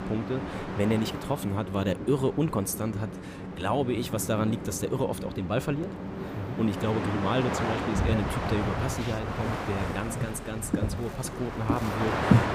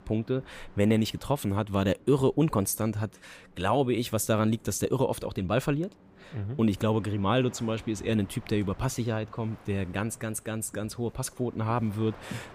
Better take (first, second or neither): second